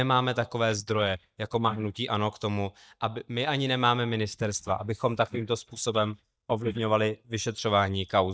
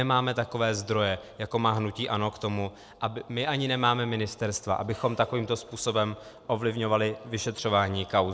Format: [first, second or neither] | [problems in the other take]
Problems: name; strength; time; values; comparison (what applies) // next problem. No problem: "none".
second | noise reduction (neural mask model DeepFilterNet 3)